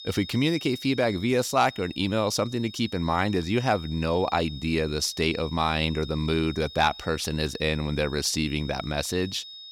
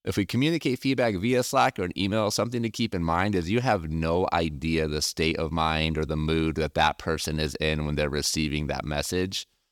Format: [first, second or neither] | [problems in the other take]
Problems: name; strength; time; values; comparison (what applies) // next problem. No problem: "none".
second | high-pitched whine; noticeable; throughout; 3.5 kHz, 15 dB below the speech